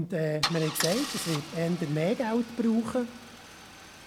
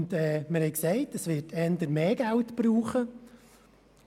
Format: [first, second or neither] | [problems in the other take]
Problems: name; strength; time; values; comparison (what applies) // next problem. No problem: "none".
second | background sound (Idling / Engine starting / Car); 8 dB below the speech